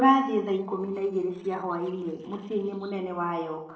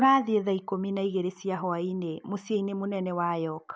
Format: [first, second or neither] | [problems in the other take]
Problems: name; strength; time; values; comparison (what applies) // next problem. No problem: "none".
second | noise reduction (neural separator model SepFormer DNS4)